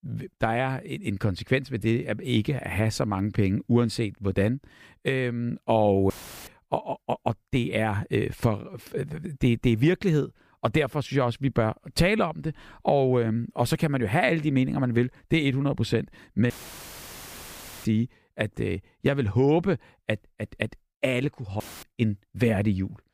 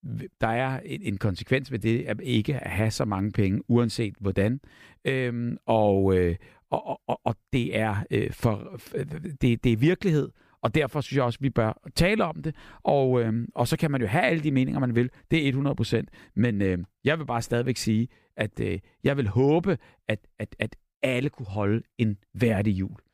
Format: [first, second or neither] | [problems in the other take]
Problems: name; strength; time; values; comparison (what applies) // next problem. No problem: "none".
second | audio cutting out; filled with static; at 6 s, at 17 s for 1.5 s and at 22 s